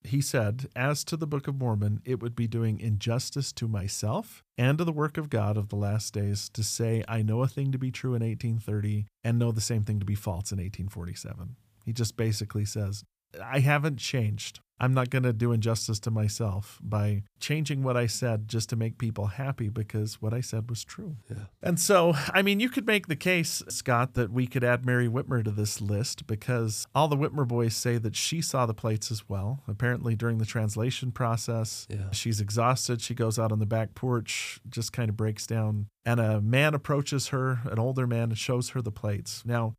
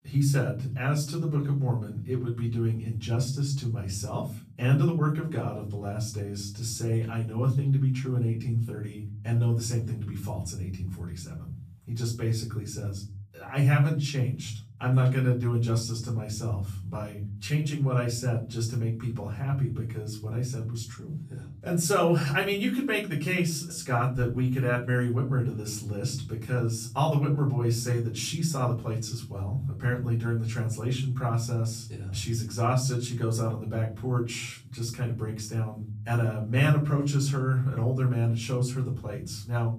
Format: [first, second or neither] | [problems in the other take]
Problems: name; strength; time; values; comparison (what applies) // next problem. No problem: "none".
first | off-mic speech; far // room echo; slight; dies away in 0.5 s